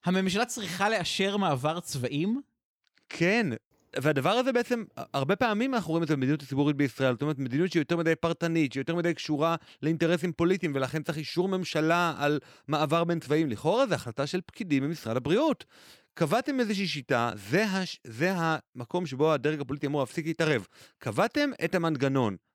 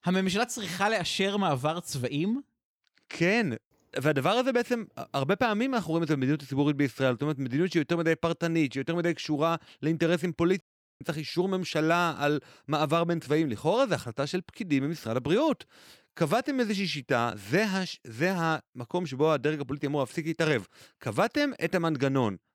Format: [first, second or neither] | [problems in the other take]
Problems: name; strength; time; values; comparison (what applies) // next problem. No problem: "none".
first | audio cutting out; at 11 s